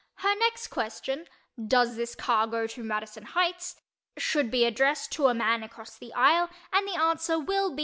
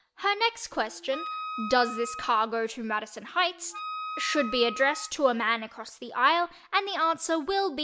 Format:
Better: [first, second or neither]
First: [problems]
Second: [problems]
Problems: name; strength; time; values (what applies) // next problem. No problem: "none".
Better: first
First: none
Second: background sound (Wind instrument, woodwind instrument); 10 dB below the speech